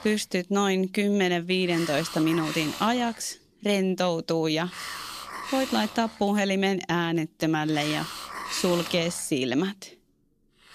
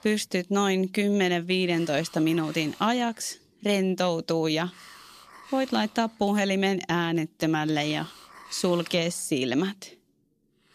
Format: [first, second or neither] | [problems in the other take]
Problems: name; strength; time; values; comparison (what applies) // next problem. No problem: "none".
second | hiss; loud; throughout; 10 dB below the speech; faint in the second